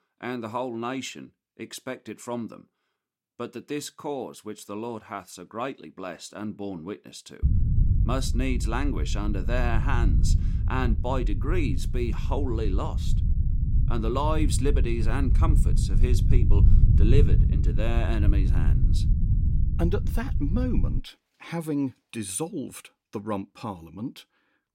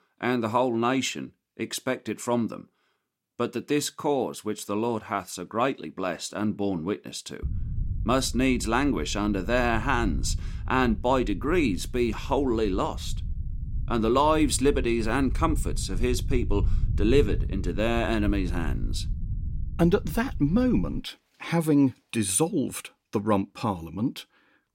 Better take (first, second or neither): second